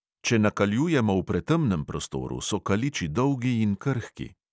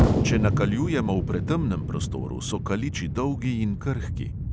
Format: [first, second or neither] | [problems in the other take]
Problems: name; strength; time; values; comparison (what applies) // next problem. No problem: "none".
first | background sound (Explosion); 1 dB above the speech